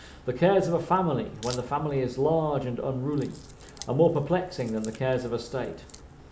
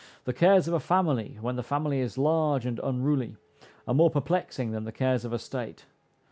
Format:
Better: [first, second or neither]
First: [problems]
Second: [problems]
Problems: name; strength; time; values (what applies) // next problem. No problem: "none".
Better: second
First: background sound (Crack); 19 dB below the speech // room echo; dies away in 0.6 s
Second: none